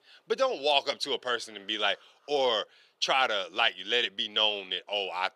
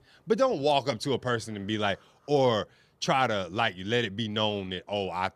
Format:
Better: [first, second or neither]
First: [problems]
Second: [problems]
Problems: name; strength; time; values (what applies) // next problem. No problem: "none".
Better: second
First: thin; somewhat; fading below 500 Hz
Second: none